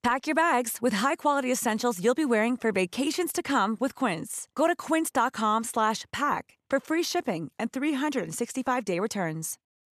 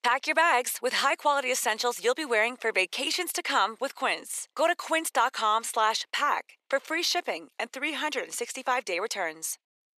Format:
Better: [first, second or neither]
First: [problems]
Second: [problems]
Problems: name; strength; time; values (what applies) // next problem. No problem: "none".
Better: first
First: none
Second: thin; very; fading below 450 Hz